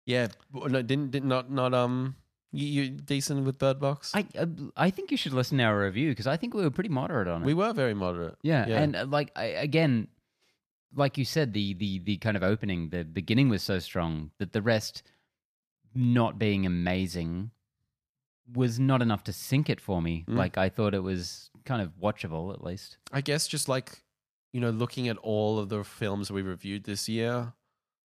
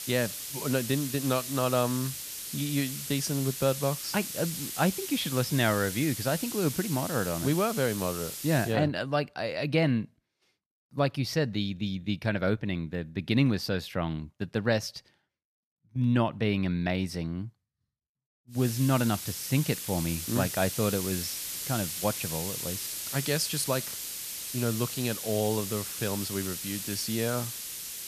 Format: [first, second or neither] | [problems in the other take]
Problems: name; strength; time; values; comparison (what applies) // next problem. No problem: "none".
first | hiss; loud; until 8.5 s and from 19 s on; 5 dB below the speech